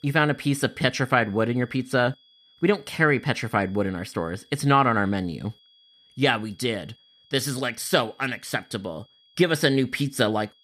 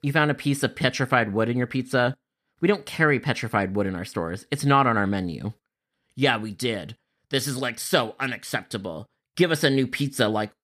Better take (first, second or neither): second